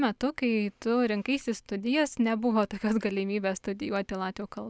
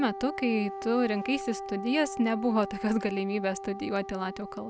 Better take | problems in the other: first | background sound (Wind instrument, woodwind instrument); 10 dB below the speech

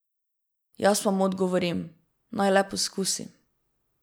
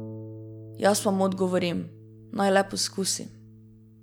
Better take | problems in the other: first | background sound (Harp); 16 dB below the speech

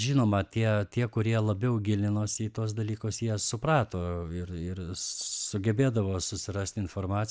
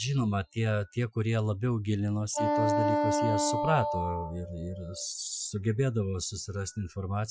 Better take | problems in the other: first | noise reduction (classical method Wiener filter)

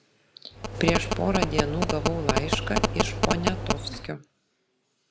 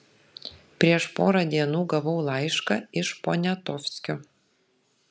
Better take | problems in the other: second | background sound (Telephone); 4 dB above the speech

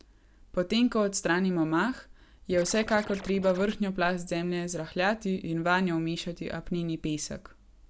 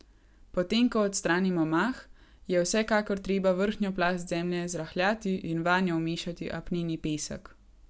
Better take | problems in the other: second | background sound (Scratching (performance technique)); 15 dB below the speech

